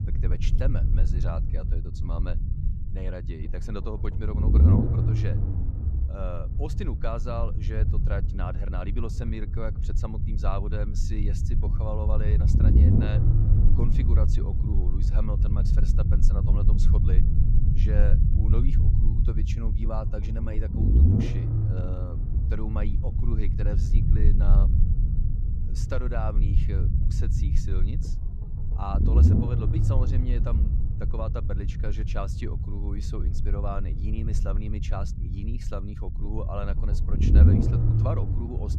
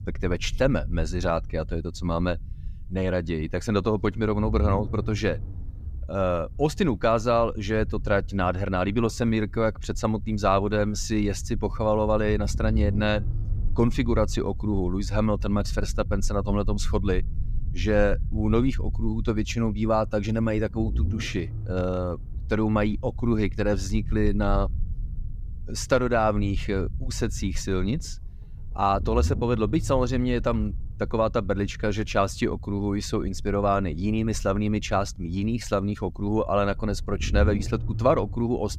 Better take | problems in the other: second | low rumble; loud; throughout; as loud as the speech; faint in the second

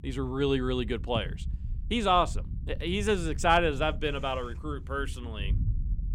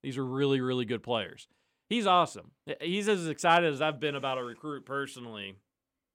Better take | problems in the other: second | low rumble; faint; throughout; 25 dB below the speech

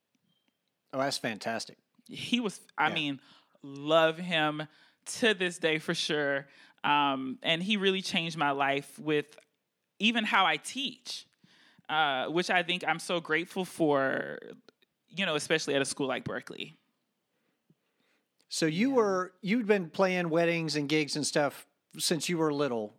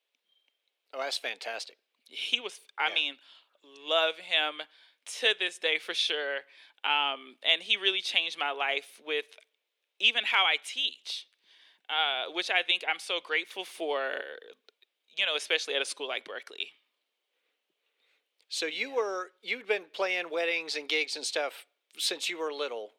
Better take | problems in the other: first | thin; very; fading below 400 Hz

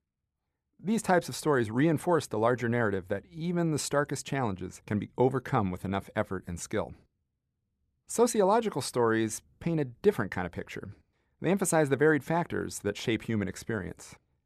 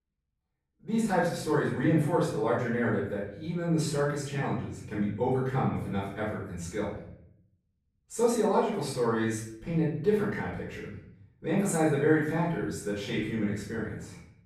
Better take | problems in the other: first | off-mic speech; far // room echo; noticeable; dies away in 0.7 s

